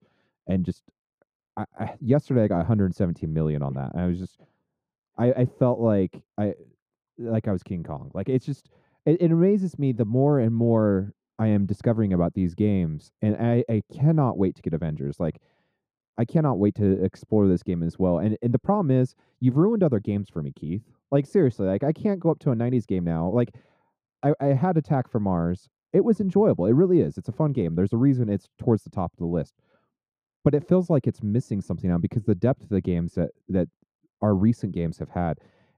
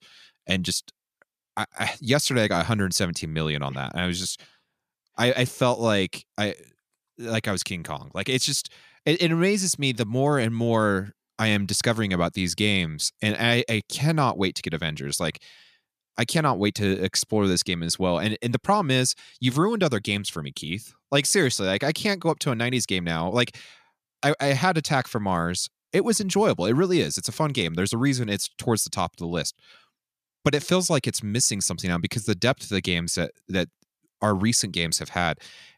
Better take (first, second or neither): second